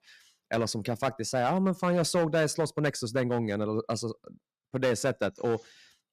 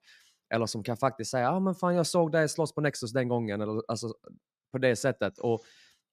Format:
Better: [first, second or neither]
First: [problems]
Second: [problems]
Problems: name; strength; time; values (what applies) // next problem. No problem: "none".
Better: second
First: distortion; slight; 5% of the sound clipped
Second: none